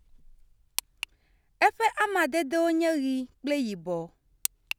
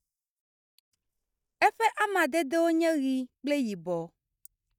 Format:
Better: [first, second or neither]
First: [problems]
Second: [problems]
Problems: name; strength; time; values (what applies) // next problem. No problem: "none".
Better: first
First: none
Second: noise reduction (neural mask model DeepFilterNet 3)